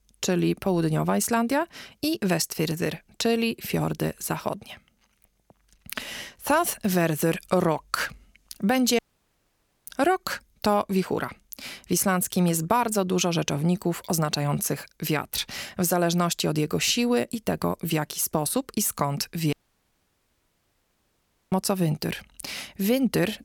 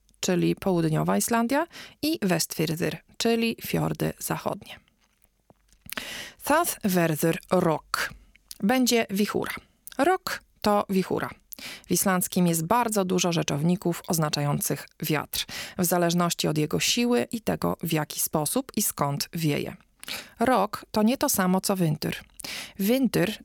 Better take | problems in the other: second | audio cutting out; at 9 s for 1 s and at 20 s for 2 s

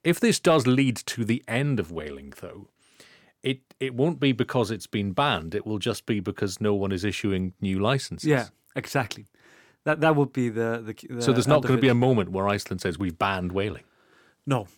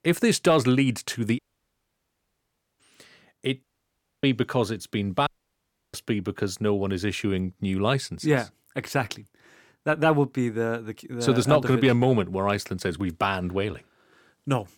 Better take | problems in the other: first | audio cutting out; at 1.5 s for 1.5 s, at 3.5 s for 0.5 s and at 5.5 s for 0.5 s

